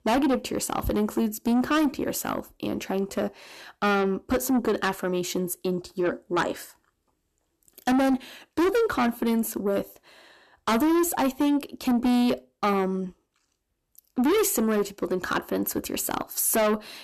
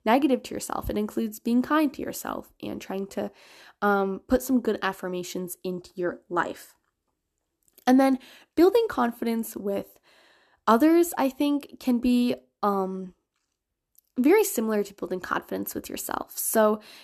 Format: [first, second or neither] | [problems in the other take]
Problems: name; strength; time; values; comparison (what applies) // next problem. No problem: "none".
second | distortion; heavy; 6 dB below the speech